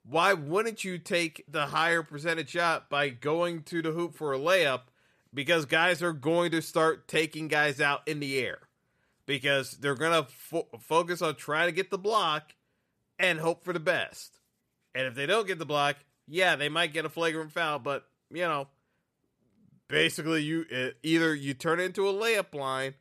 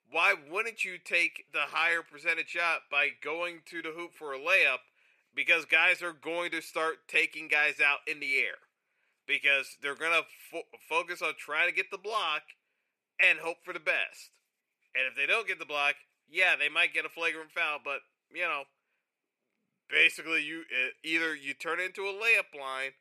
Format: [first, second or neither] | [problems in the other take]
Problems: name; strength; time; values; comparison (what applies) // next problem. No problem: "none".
first | thin; somewhat; fading below 400 Hz